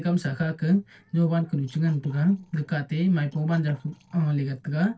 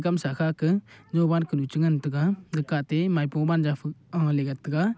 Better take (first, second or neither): second